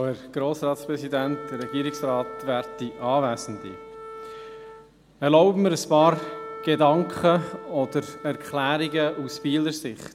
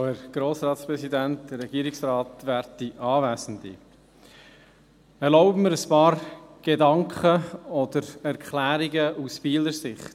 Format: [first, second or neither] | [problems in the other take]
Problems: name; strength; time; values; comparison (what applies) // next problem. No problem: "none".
second | background sound (Wind instrument, woodwind instrument); 15 dB below the speech